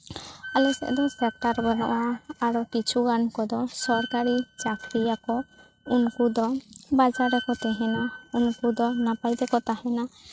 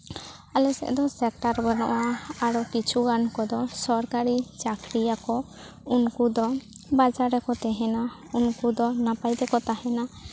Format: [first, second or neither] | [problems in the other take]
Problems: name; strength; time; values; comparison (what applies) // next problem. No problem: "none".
second | noise reduction (neural mask model RNNoise)